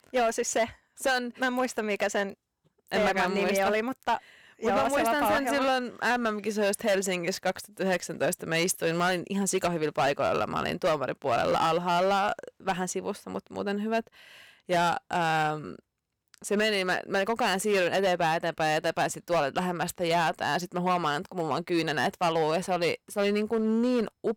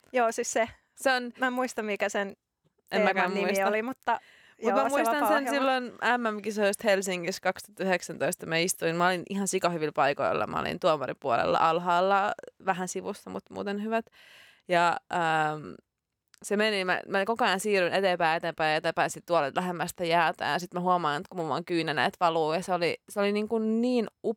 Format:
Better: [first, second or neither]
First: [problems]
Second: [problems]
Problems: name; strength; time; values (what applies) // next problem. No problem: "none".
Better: second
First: distortion; slight; 8% of the sound clipped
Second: none